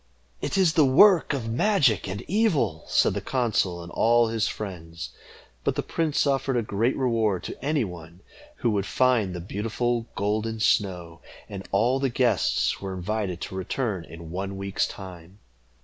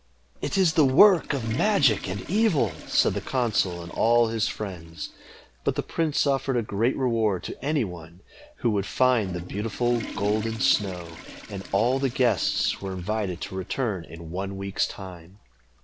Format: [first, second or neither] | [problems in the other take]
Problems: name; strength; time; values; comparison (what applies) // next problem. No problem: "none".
first | background sound (Toilet flush / Water); 17 dB below the speech